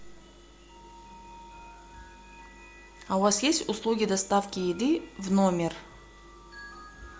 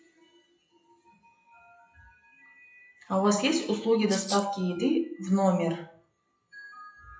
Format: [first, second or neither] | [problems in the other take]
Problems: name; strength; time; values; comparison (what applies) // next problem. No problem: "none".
first | noise reduction (classical method WPE with log-MMSE)